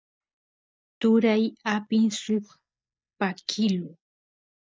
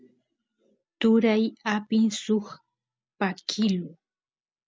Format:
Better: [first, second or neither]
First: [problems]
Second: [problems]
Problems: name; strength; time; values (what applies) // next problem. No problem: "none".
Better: second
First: noise reduction (neural mask model DeepFilterNet 3)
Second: none